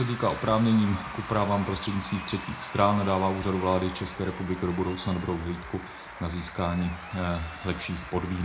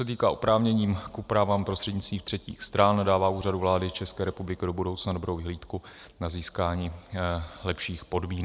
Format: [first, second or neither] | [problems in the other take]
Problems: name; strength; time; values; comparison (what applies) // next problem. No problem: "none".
second | background sound (Applause / Crowd / Cheering); 13 dB below the speech // room echo; dies away in 0.3 s